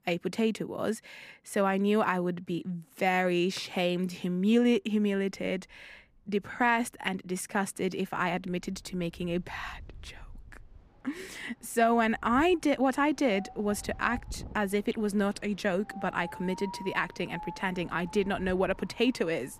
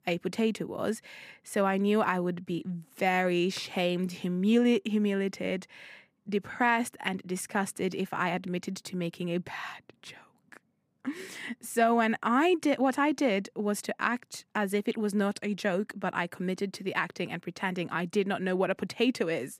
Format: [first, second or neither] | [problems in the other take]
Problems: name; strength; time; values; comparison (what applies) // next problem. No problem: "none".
second | wind in the background; noticeable; throughout; 20 dB below the speech